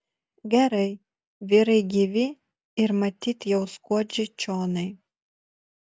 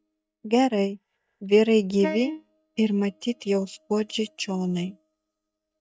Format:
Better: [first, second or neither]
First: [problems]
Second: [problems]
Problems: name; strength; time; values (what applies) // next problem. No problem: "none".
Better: first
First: none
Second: noise reduction (neural mask model DeepFilterNet 3)